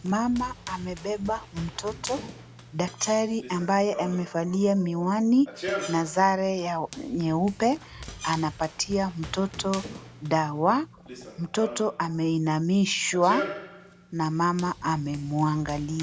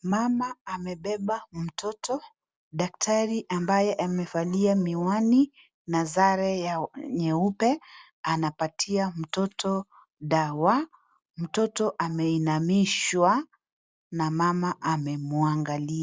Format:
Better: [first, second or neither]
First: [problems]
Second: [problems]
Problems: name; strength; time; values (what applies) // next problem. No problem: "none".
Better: second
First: background sound (Run + Screech); 13 dB below the speech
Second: none